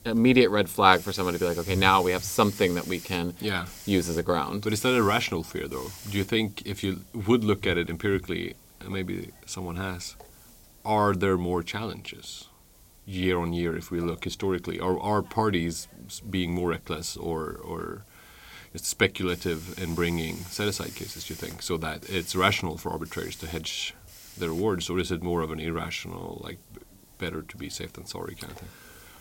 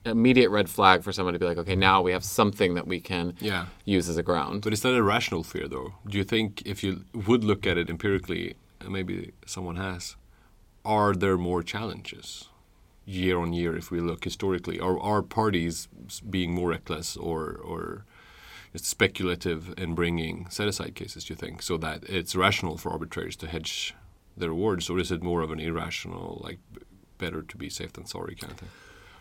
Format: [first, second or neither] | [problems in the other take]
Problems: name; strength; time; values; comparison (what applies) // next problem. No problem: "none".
second | hiss; noticeable; throughout; 20 dB below the speech